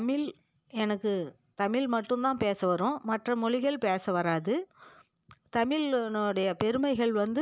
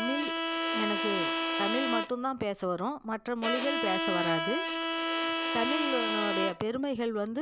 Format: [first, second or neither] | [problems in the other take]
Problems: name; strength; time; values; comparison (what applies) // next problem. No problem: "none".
first | background sound (Bowed string instrument); 1 dB above the speech